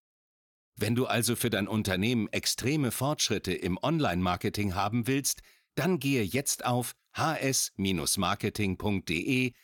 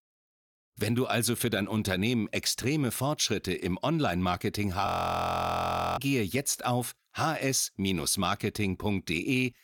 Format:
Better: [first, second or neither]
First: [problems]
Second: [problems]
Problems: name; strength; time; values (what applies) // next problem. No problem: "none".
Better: first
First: none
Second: audio freezing; at 5 s for 1 s